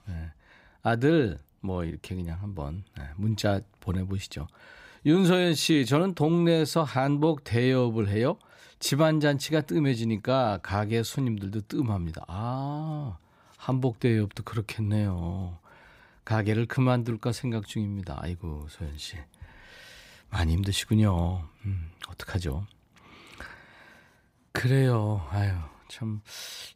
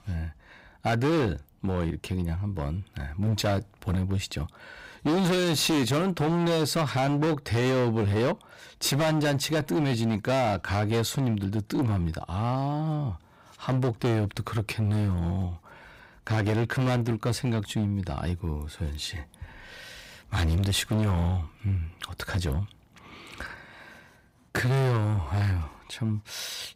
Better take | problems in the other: first | distortion; heavy; 17% of the sound clipped

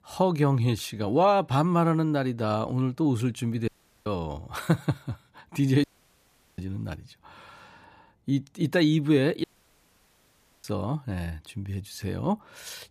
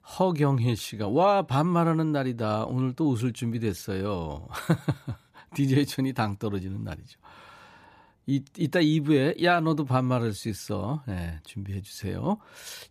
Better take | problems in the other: second | audio cutting out; at 3.5 s, at 6 s for 0.5 s and at 9.5 s for 1 s

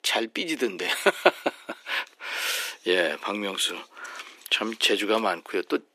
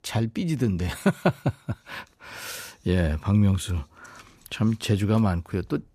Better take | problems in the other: second | thin; very; fading below 350 Hz

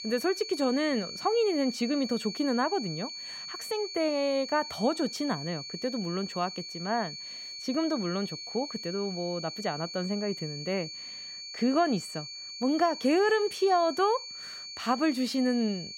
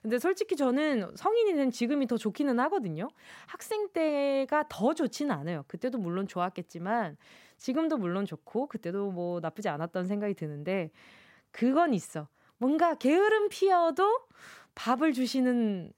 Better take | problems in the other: second | high-pitched whine; loud; throughout; 4.5 kHz, 8 dB below the speech

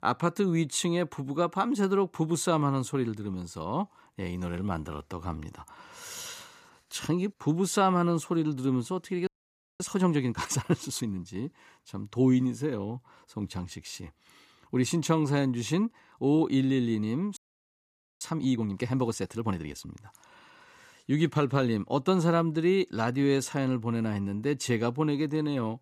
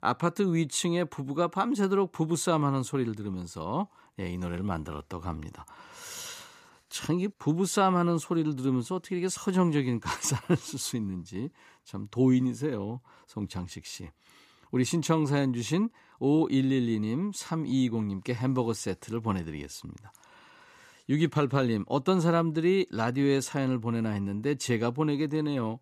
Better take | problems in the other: second | audio freezing; at 9.5 s for 0.5 s and at 17 s for 1 s

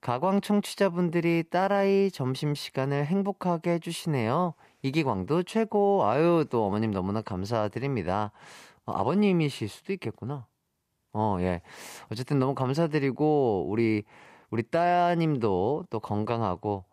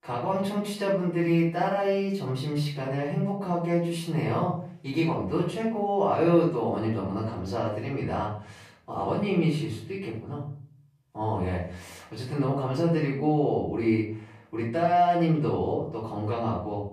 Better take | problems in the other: first | off-mic speech; far // room echo; noticeable; dies away in 0.5 s

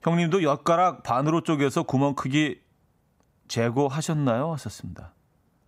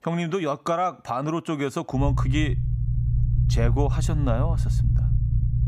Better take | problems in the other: first | low rumble; noticeable; from 2 s on; 10 dB below the speech

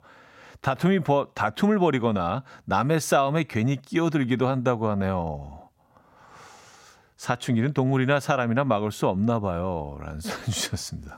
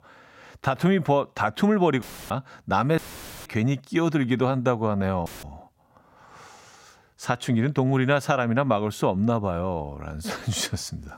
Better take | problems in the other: first | audio cutting out; filled with static; at 2 s, at 3 s and at 5.5 s

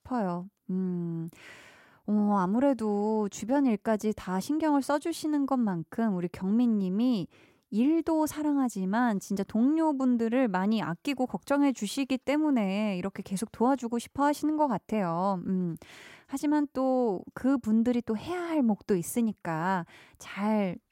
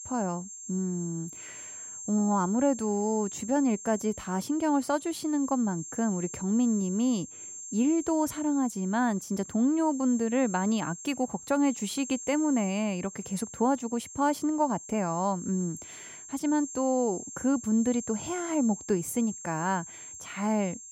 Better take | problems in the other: first | high-pitched whine; noticeable; throughout; 7.5 kHz, 10 dB below the speech

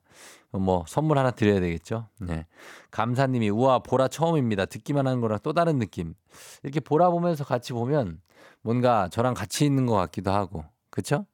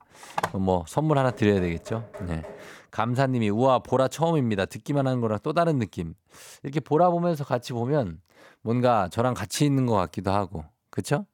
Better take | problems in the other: first | phone ringing; noticeable; at 0.5 s; peak 6 dB below the speech // door banging; faint; from 1.5 to 2.5 s; peak 15 dB below the speech

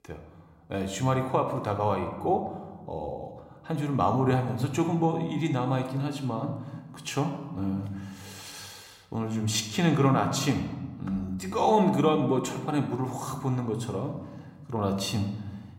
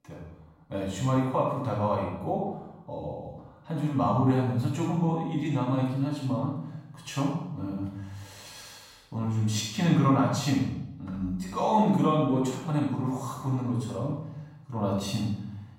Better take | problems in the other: first | room echo; strong; dies away in 0.8 s; slight in the first // off-mic speech; far

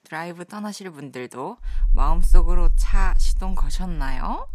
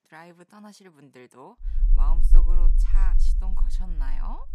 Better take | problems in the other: first | low rumble; loud; from 1.5 s on; 8 dB below the speech; faint in the first

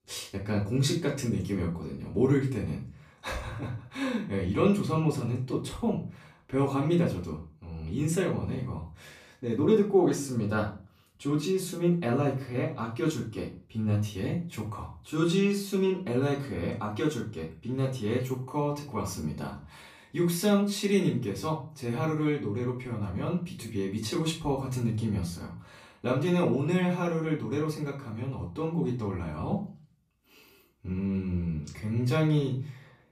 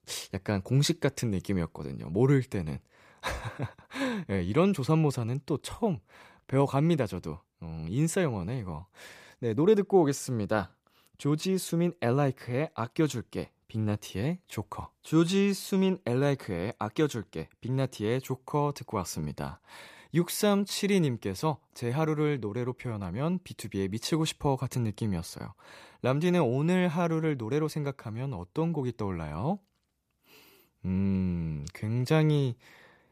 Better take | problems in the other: second | off-mic speech; far // room echo; slight; dies away in 0.3 s

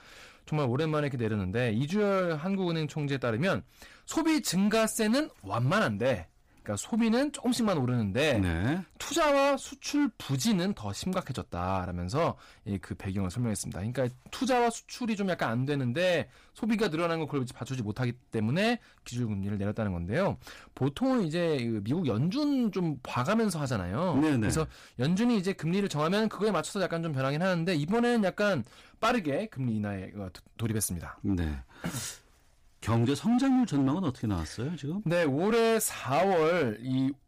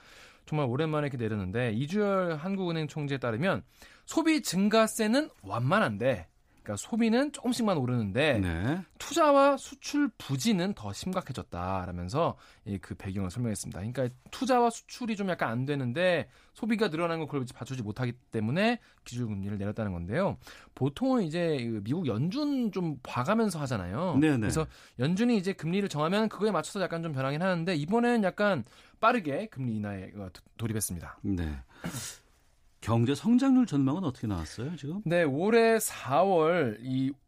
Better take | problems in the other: second | distortion; slight; 8% of the sound clipped

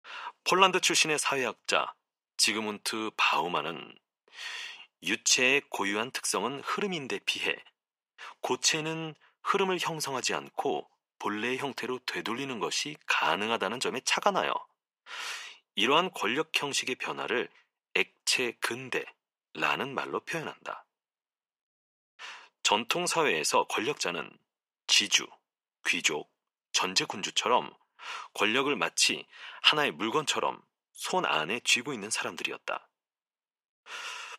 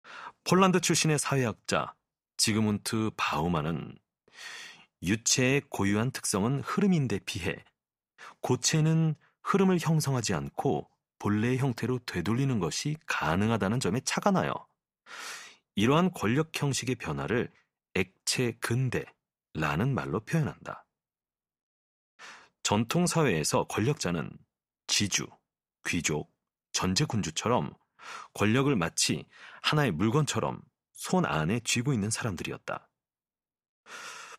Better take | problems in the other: second | thin; somewhat; fading below 400 Hz

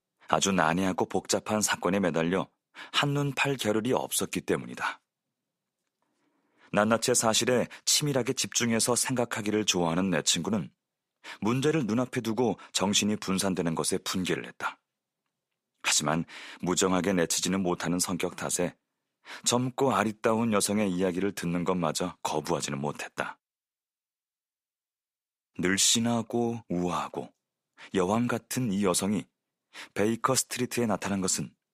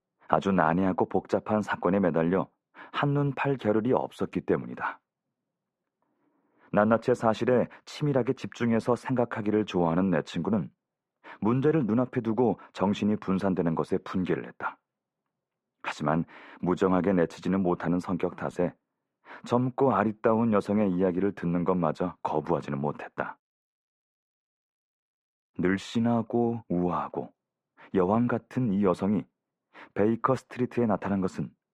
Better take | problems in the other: first | muffled; very; fading above 3.5 kHz

